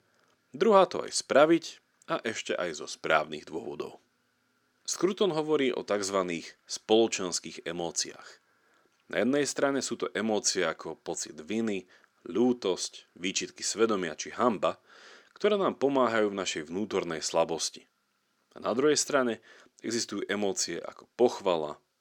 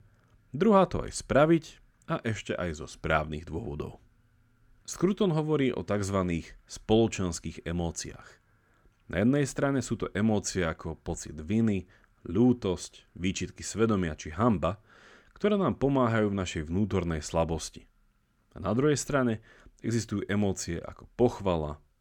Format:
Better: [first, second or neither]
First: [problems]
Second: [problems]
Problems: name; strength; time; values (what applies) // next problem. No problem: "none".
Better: second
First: thin; somewhat; fading below 350 Hz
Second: none